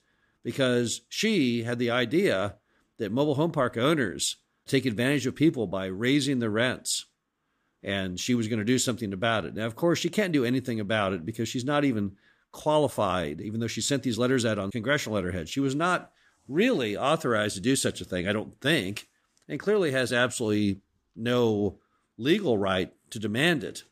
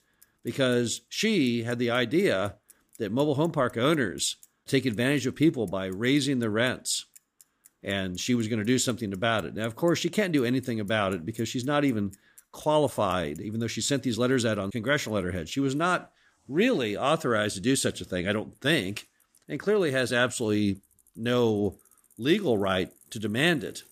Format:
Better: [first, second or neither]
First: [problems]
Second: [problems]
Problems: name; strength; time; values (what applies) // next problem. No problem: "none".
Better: first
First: none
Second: traffic noise; faint; throughout; 30 dB below the speech